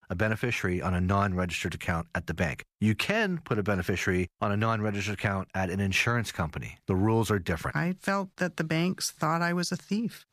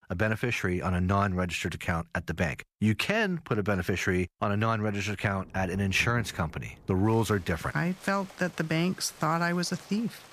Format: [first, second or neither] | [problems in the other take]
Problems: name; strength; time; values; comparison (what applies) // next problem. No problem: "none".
first | rain or running water; noticeable; from 5.5 s on; 20 dB below the speech